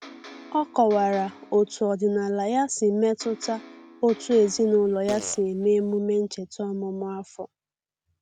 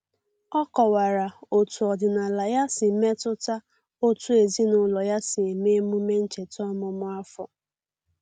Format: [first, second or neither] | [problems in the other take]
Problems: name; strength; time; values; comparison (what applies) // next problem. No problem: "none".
second | background sound (Electric guitar + Fart); 18 dB below the speech